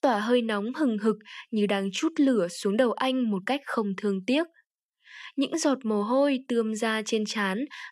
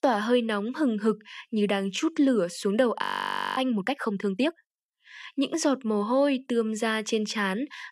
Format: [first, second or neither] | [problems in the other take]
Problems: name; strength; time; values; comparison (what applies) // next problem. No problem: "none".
first | audio freezing; at 3 s for 0.5 s